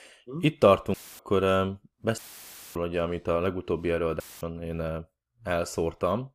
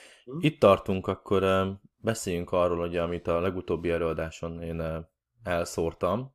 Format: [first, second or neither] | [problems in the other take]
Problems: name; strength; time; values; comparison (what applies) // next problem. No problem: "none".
second | audio cutting out; filled with static; at 1 s, at 2 s for 0.5 s and at 4 s